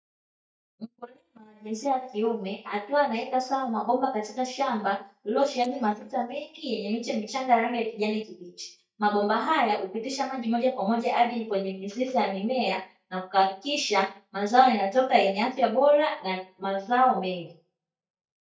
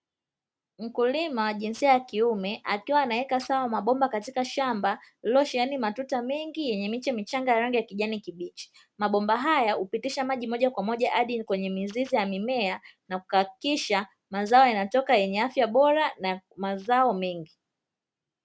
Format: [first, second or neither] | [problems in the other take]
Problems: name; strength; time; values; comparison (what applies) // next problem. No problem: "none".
second | noise reduction (neural mask model DeepFilterNet 3)